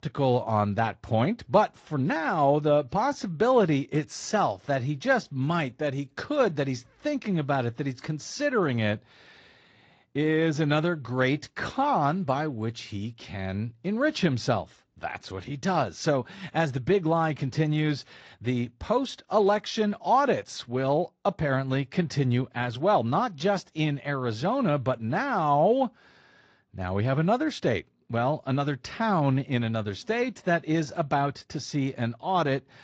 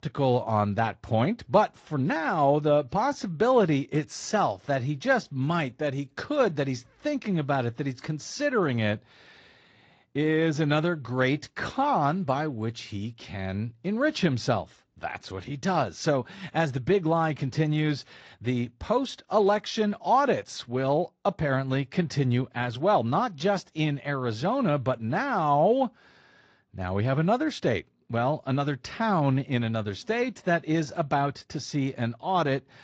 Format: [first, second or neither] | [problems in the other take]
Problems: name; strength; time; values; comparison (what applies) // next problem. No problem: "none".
neither | garbled, watery; slightly; the same in both